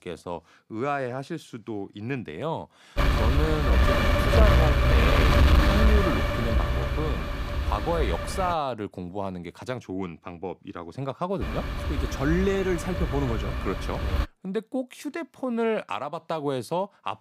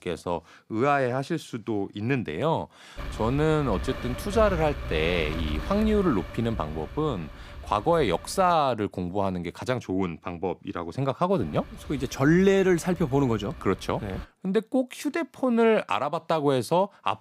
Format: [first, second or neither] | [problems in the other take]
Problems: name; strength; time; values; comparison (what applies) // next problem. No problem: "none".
second | wind noise on the microphone; heavy; from 3 to 8.5 s and from 11 to 14 s; 3 dB above the speech; occasional gusts in the second